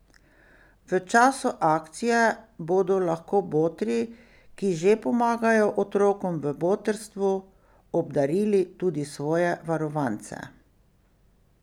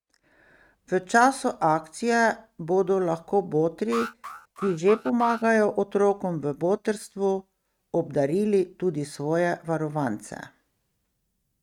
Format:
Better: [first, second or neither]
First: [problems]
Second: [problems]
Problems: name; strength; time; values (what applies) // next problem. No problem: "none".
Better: first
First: none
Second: noise reduction (neural mask model RNNoise)